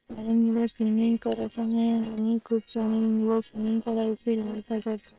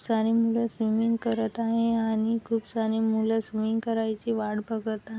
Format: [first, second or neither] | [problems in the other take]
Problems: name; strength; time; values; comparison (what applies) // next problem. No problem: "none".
second | noise reduction (neural separator model SepFormer WHAM!)